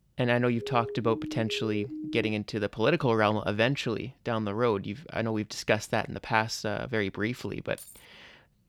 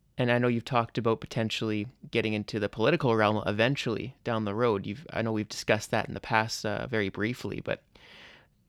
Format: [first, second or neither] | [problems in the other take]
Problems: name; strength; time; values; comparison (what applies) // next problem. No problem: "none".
second | siren; noticeable; from 0.5 to 2.5 s; peak 8 dB below the speech // jangling keys; faint; at 8 s; peak 20 dB below the speech